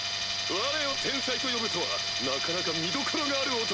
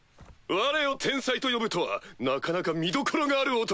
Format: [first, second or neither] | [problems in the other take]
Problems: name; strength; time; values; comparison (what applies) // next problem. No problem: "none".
second | background sound (Tools); 2 dB above the speech